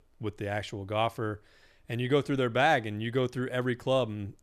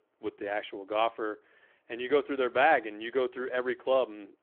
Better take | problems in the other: first | phone-call audio

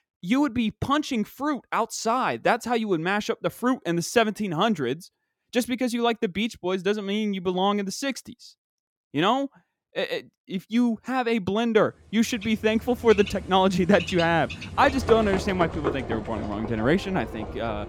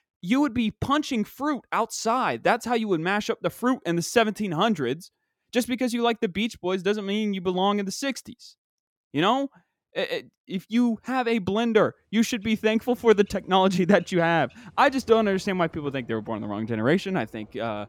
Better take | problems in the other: second | animal sounds; loud; from 12 s on; 9 dB below the speech; faint in the second

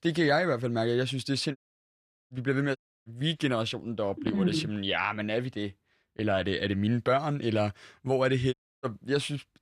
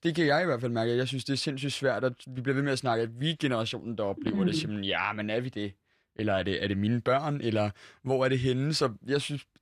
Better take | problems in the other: second | audio cutting out; at 1.5 s for 0.5 s, at 3 s and at 8.5 s

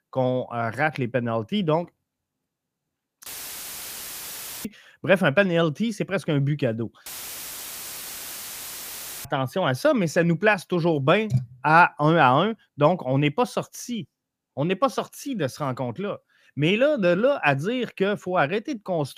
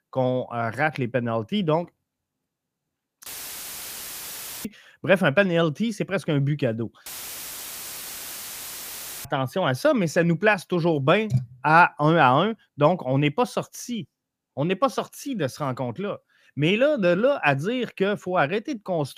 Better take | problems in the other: neither | audio cutting out; filled with static; at 3.5 s for 1.5 s and at 7 s for 2 s; the same in both

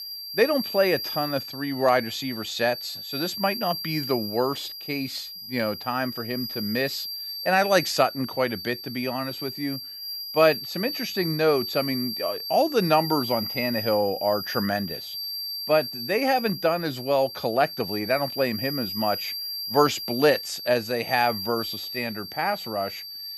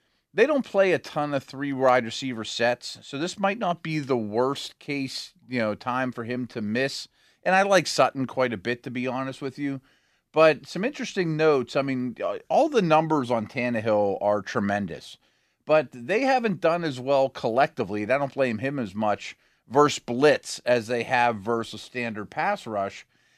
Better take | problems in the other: second | high-pitched whine; loud; throughout; 4.5 kHz, 6 dB below the speech

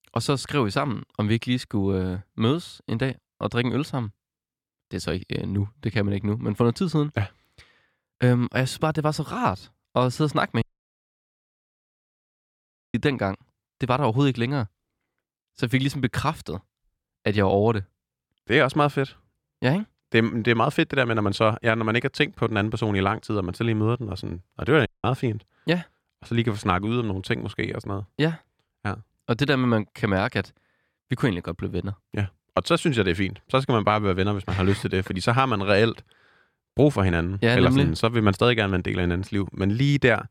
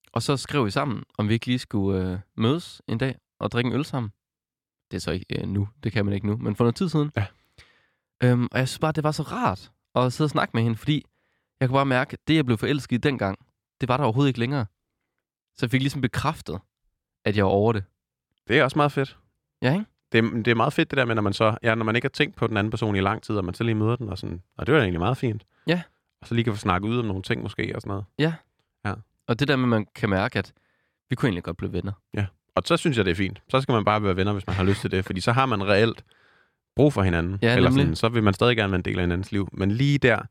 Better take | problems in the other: second | audio cutting out; at 11 s for 2.5 s and at 25 s

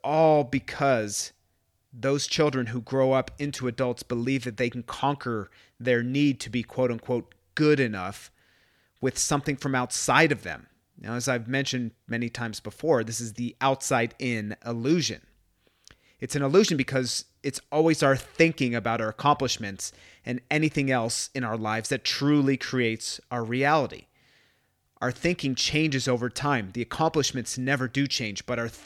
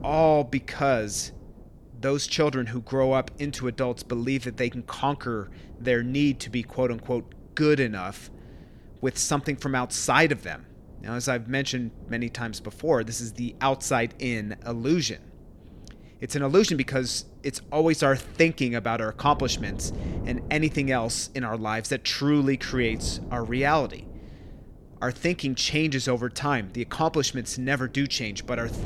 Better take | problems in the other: first | wind noise on the microphone; occasional gusts; 25 dB below the speech

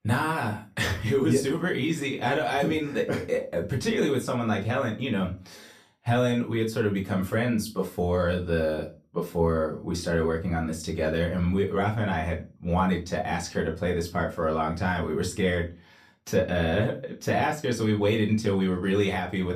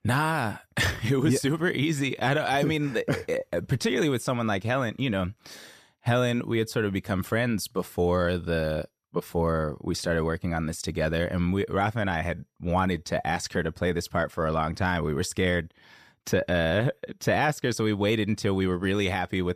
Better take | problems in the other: second | off-mic speech; far // room echo; very slight; dies away in 0.2 s

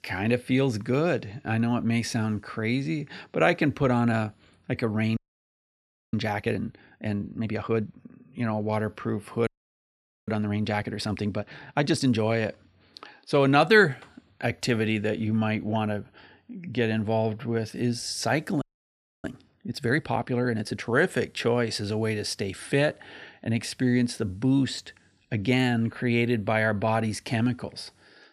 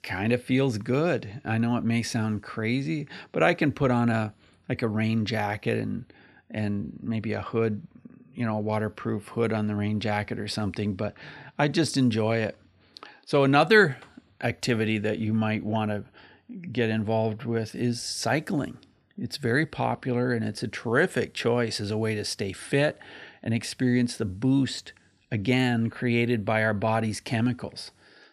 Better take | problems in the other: second | audio freezing; at 5 s for 1 s, at 9.5 s for 1 s and at 19 s for 0.5 s

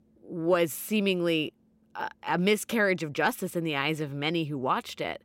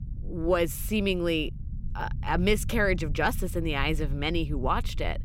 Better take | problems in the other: first | low rumble; faint; throughout; 20 dB below the speech

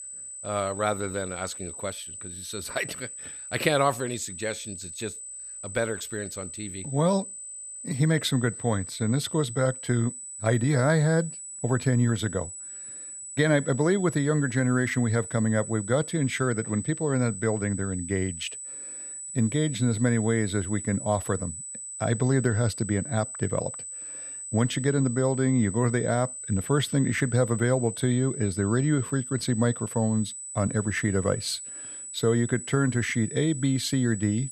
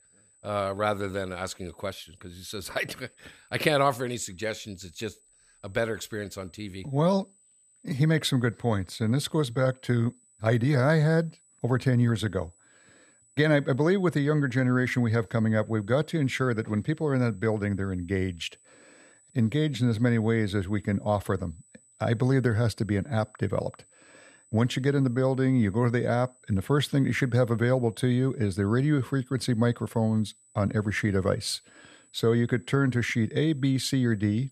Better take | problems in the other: second | high-pitched whine; loud; throughout; 8 kHz, 9 dB below the speech; faint in the second

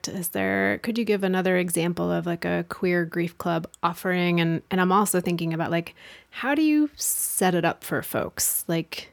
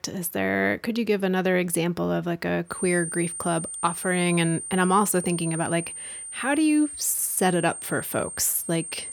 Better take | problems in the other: first | high-pitched whine; loud; from 2.5 s on; 9 kHz, 8 dB below the speech

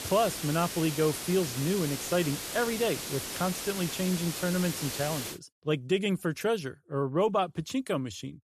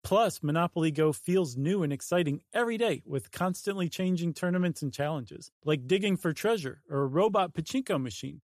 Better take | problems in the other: second | hiss; loud; until 5.5 s; 5 dB below the speech

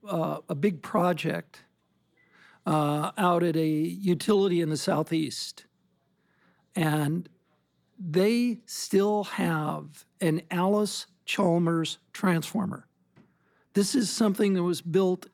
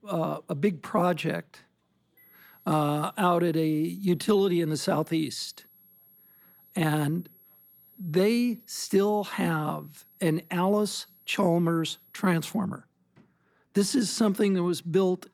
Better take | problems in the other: first | high-pitched whine; faint; from 2 to 13 s; 11.5 kHz, 30 dB below the speech

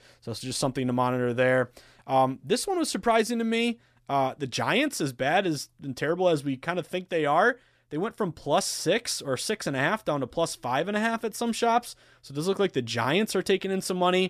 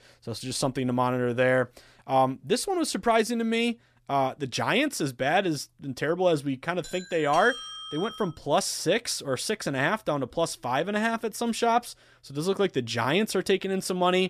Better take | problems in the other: first | doorbell; noticeable; from 7 to 8.5 s; peak 9 dB below the speech

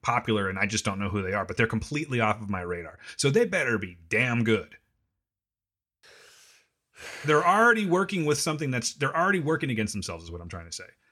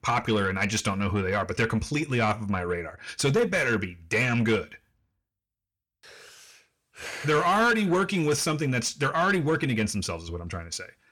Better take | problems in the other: first | distortion; slight; 10 dB below the speech

